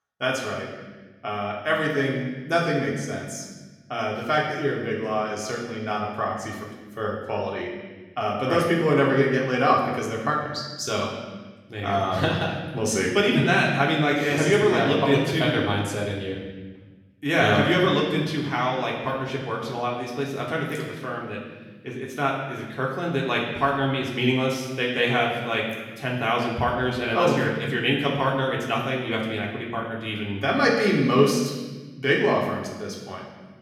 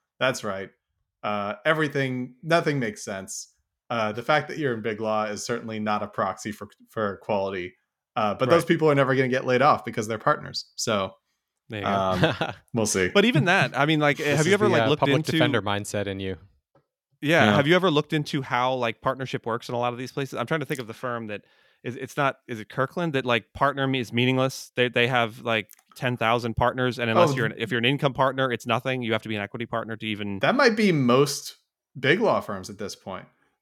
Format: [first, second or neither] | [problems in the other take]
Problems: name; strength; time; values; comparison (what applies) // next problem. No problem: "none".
second | room echo; noticeable; dies away in 1.2 s // off-mic speech; far